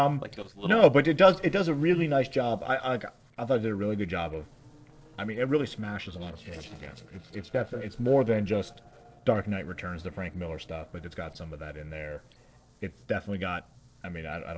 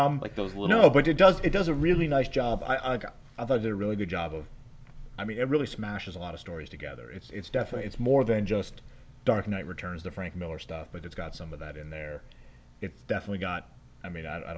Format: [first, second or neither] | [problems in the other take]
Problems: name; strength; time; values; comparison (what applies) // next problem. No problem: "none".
second | noise reduction (neural separator model SepFormer DNS4)